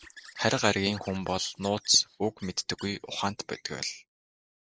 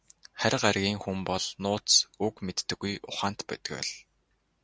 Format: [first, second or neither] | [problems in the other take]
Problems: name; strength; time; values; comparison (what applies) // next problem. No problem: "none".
second | noise reduction (neural mask model Resemble Enhance denoiser)